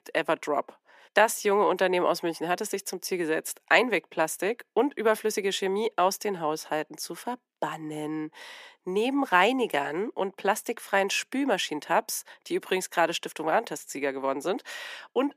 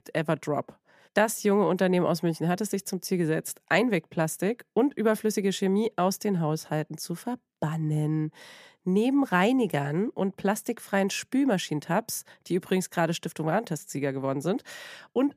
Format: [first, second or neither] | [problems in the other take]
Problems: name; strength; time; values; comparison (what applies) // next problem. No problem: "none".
second | thin; somewhat; fading below 300 Hz